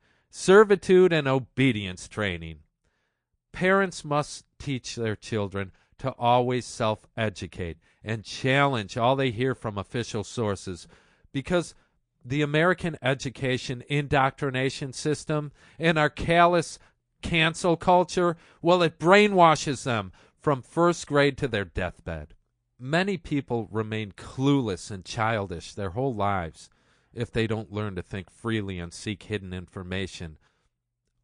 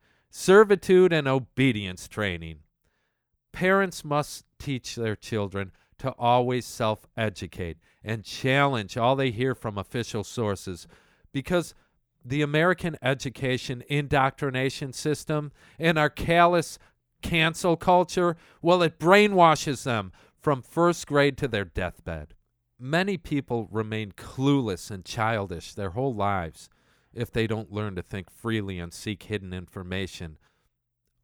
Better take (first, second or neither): second